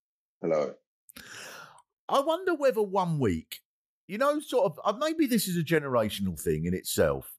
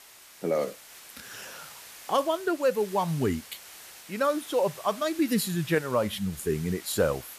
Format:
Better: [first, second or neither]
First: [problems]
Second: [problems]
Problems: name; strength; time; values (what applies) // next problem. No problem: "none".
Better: first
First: none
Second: hiss; noticeable; throughout; 15 dB below the speech